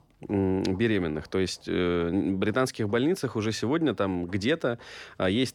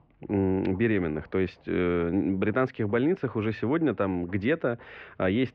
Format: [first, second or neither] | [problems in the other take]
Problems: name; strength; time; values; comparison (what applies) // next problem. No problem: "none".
first | muffled; very; fading above 2.5 kHz